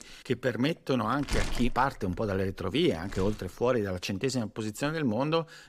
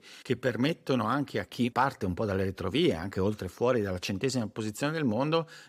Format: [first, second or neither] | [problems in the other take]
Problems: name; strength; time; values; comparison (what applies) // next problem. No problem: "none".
second | household noises; loud; throughout; 10 dB below the speech